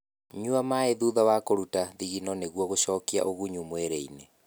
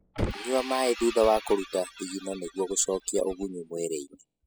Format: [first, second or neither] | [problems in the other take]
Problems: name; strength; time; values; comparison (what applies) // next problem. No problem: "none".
first | noise reduction (classical method spectral subtraction)